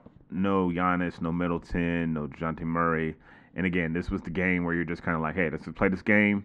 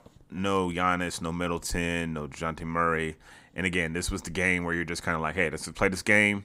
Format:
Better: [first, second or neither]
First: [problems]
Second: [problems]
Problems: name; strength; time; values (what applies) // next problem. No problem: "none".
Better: second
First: muffled; very; fading above 2 kHz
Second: none